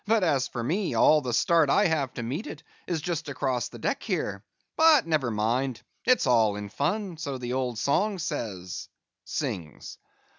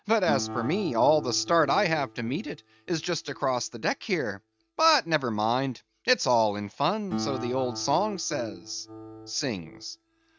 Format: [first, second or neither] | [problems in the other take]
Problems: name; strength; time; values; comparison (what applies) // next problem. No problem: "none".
first | noise reduction (neural mask model RNNoise)